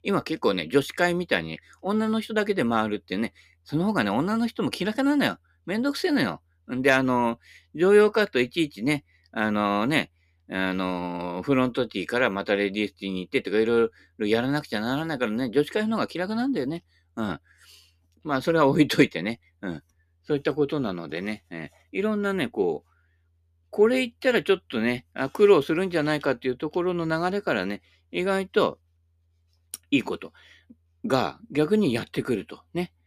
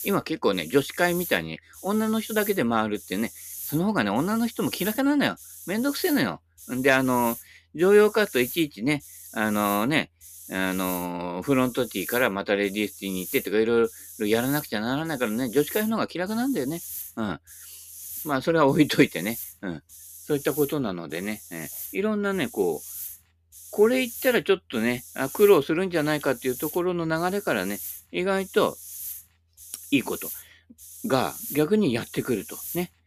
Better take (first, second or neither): first